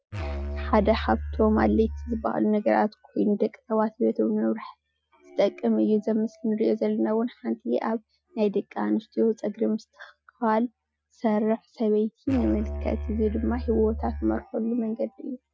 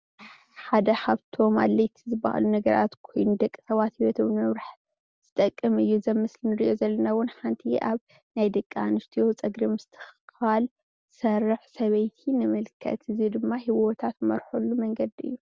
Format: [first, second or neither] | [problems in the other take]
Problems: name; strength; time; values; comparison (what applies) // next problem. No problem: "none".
second | noise reduction (classical method Wiener filter)